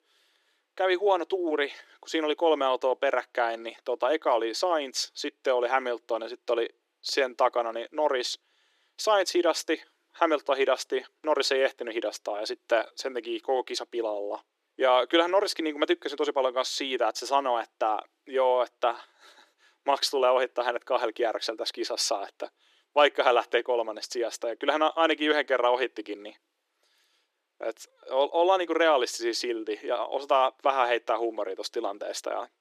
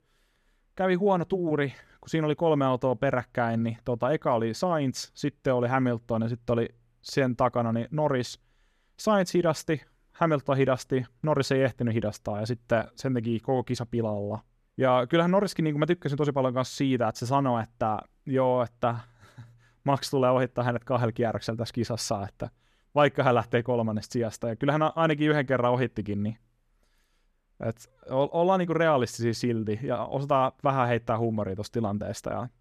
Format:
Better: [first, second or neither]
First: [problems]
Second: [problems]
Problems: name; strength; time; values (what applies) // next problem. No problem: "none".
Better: second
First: thin; very; fading below 300 Hz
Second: none